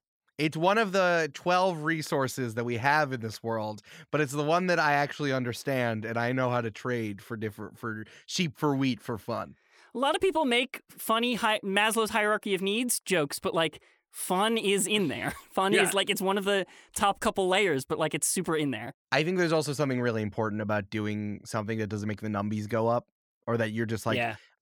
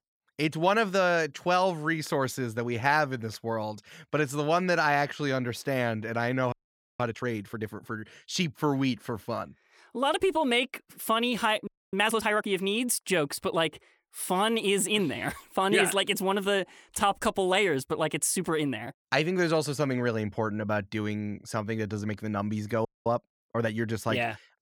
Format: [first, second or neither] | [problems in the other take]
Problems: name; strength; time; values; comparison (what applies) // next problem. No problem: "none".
first | audio freezing; at 6.5 s, at 12 s and at 23 s